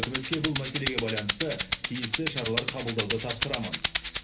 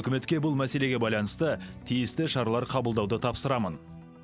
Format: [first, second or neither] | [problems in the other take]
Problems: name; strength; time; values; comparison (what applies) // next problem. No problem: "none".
second | background sound (Rattle (instrument)); 1 dB above the speech // room echo; dies away in 0.3 s